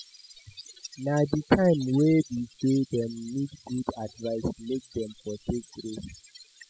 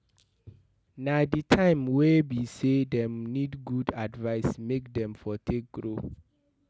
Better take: second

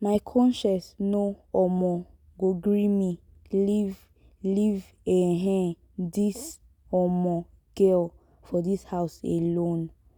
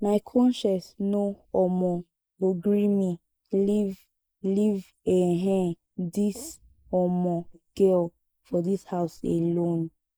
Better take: first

